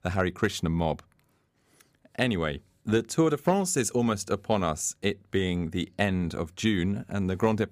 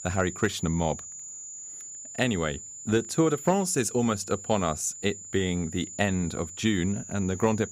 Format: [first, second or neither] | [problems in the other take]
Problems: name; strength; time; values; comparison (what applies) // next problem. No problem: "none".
first | high-pitched whine; noticeable; throughout; 7 kHz, 10 dB below the speech